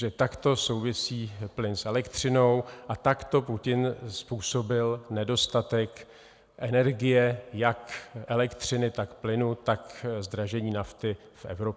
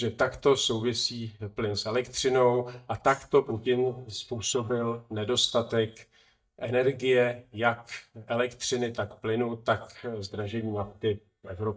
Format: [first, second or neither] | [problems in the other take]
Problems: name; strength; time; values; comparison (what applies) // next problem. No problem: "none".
first | noise reduction (neural mask model DeepFilterNet 3)